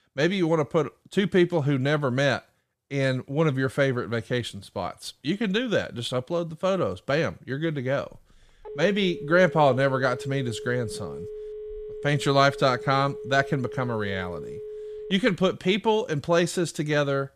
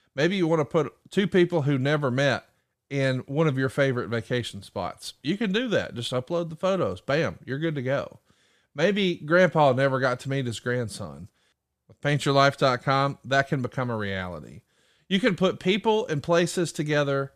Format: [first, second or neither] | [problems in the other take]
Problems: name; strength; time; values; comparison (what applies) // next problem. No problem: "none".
second | phone ringing; faint; from 8 to 15 s; peak 10 dB below the speech